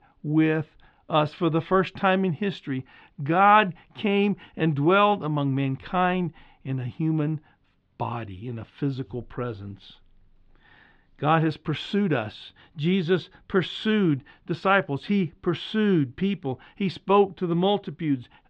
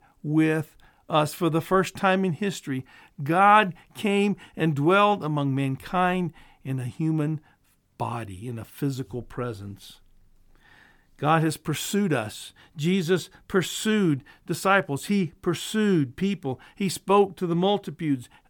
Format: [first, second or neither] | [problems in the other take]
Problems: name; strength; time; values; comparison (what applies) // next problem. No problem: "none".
second | muffled; slightly; fading above 3.5 kHz